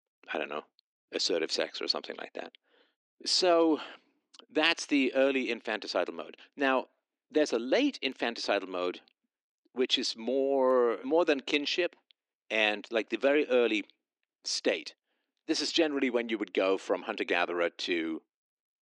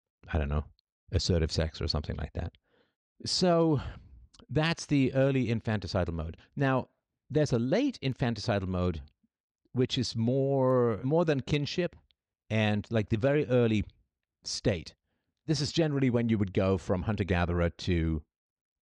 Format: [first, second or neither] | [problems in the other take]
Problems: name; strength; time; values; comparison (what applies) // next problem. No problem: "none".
second | thin; somewhat; fading below 300 Hz